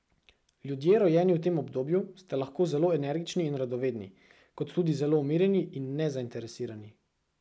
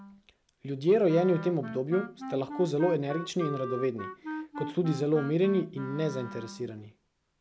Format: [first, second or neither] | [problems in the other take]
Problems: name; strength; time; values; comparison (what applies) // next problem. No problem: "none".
first | background sound (Wind instrument, woodwind instrument); 11 dB below the speech